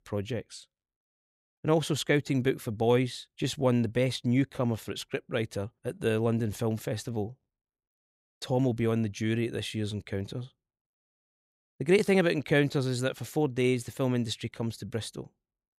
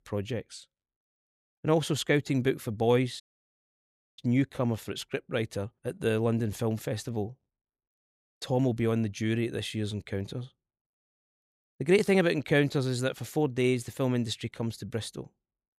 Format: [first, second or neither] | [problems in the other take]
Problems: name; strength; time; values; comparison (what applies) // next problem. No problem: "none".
first | audio cutting out; at 3 s for 1 s